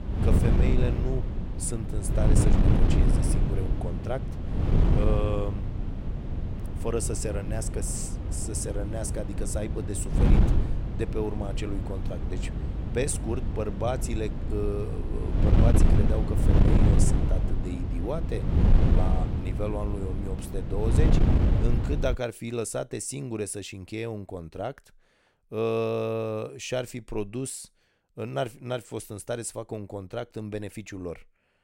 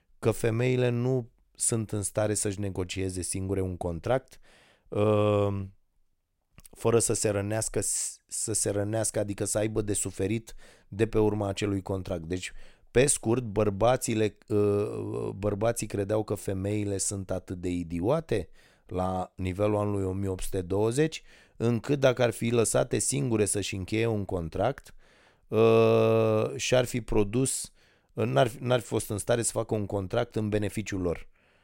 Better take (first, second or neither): second